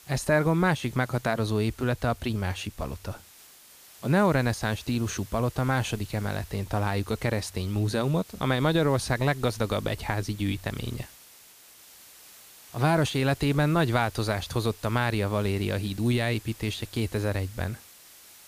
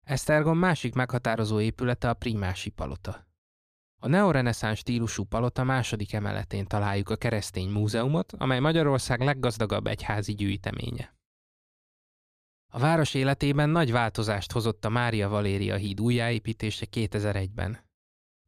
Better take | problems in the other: second | hiss; faint; throughout; 20 dB below the speech

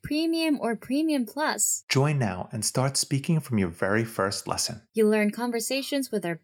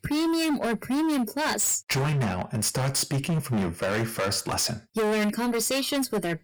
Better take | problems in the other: first | distortion; heavy; 30% of the sound clipped

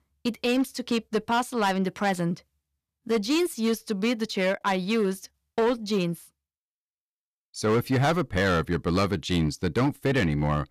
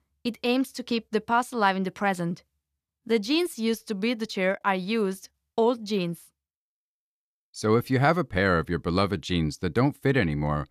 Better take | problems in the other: second | distortion; slight; 8% of the sound clipped

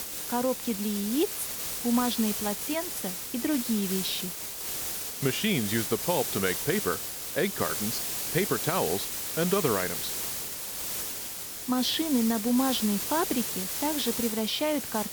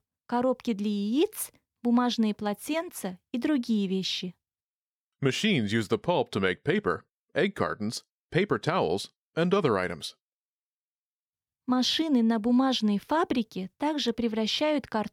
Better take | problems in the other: second | hiss; loud; throughout; 2 dB below the speech

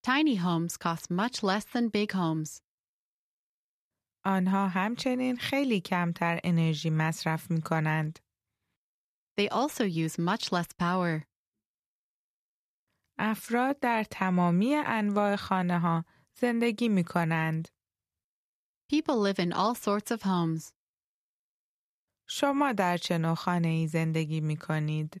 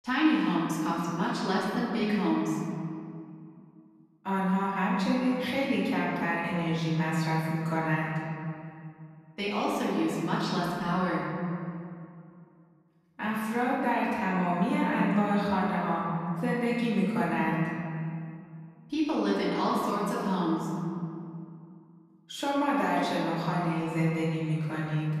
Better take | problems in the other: first | room echo; strong; dies away in 2.4 s // off-mic speech; far

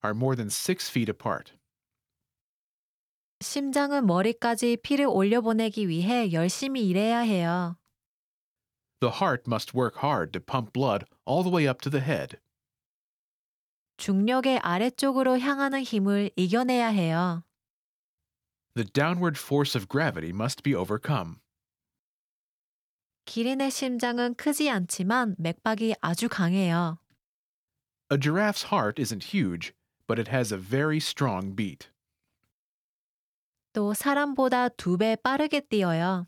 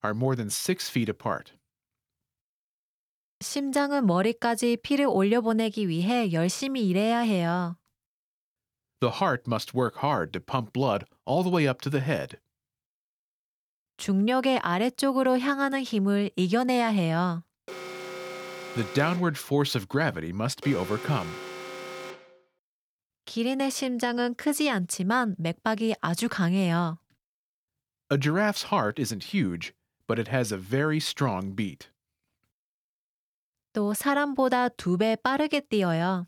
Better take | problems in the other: first | alarm; faint; from 18 to 22 s; peak 10 dB below the speech

